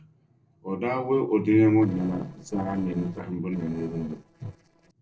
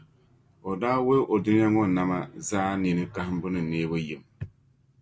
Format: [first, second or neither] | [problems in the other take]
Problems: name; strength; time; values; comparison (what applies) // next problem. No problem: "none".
second | noise reduction (neural separator model SepFormer DNS4)